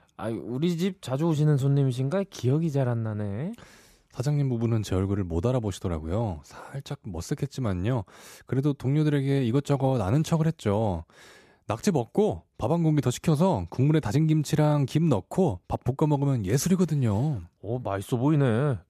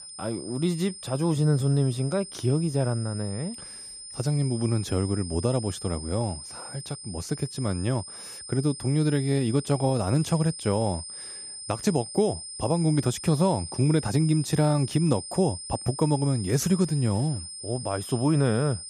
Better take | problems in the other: first | high-pitched whine; noticeable; throughout; 9 kHz, 10 dB below the speech

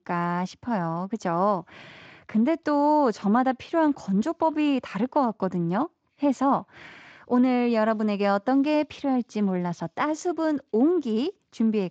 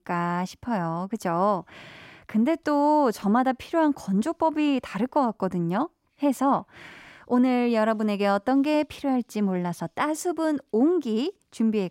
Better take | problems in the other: second | garbled, watery; slightly; nothing above 7.5 kHz

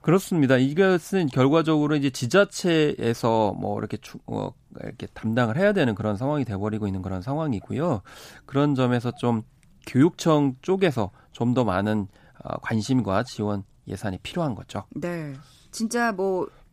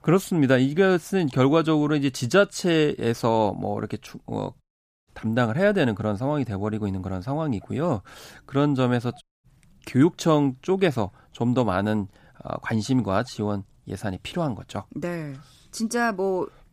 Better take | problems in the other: first | audio cutting out; at 4.5 s and at 9 s

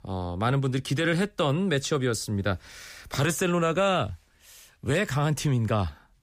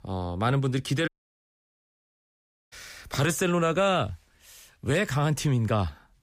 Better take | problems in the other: first | audio cutting out; at 1 s for 1.5 s

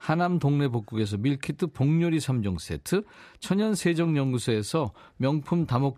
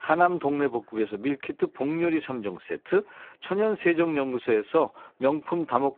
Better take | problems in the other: first | phone-call audio; poor line

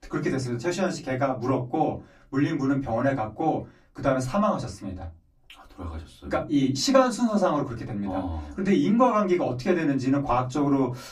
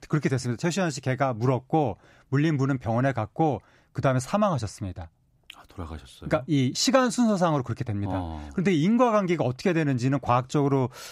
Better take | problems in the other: second | off-mic speech; far // room echo; very slight; dies away in 0.2 s

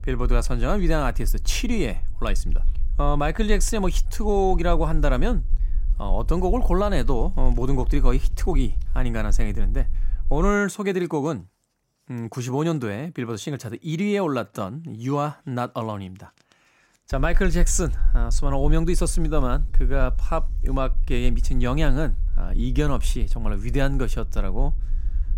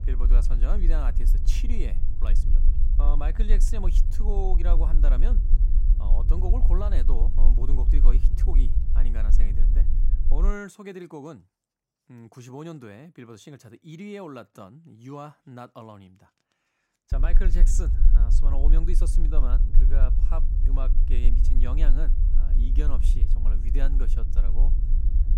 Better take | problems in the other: first | low rumble; loud; until 11 s and from 17 s on; 7 dB below the speech; faint in the first

